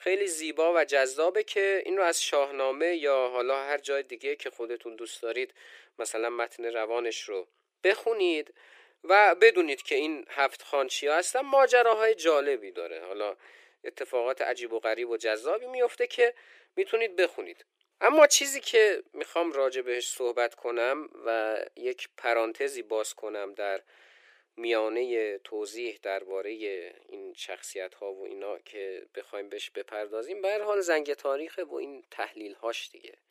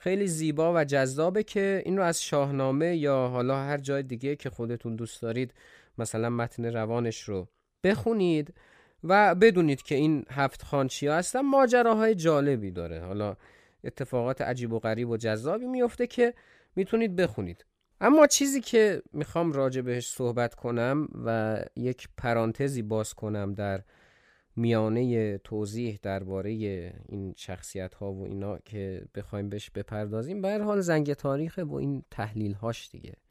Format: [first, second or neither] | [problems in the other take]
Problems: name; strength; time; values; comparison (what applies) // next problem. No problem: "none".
second | thin; very; fading below 350 Hz